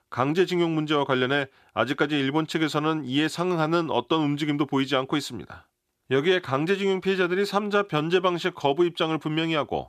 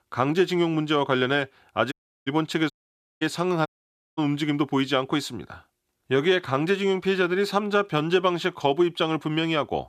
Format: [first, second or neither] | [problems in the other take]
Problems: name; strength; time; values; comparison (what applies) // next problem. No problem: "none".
first | audio cutting out; at 2 s, at 2.5 s for 0.5 s and at 3.5 s for 0.5 s